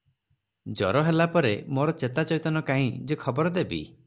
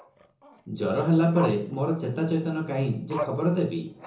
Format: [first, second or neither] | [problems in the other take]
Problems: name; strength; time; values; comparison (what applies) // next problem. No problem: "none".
first | background sound (Growling); 14 dB below the speech // room echo; dies away in 0.6 s